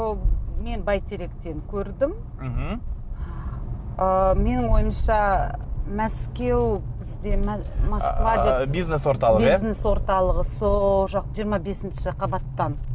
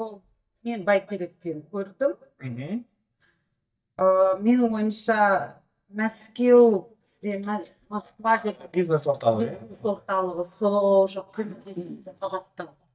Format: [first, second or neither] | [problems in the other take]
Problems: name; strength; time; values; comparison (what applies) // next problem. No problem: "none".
first | noise reduction (neural mask model DeepFilterNet 3)